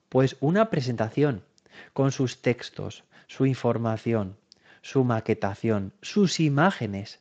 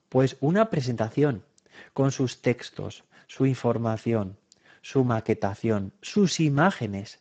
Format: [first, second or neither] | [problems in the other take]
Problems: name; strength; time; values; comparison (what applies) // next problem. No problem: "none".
first | garbled, watery; badly; slightly in the first